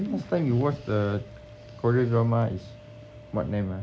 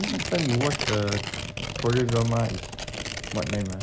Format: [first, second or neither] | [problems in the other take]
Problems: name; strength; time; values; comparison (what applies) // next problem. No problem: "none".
first | background sound (Tearing); 5 dB below the speech